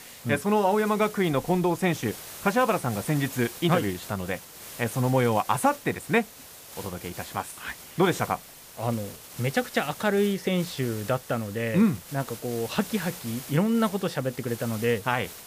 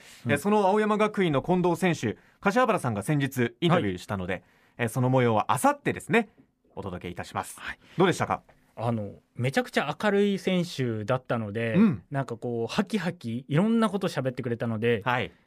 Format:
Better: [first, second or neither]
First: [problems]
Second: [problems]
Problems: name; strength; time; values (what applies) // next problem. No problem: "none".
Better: second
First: hiss; noticeable; throughout; 15 dB below the speech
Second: none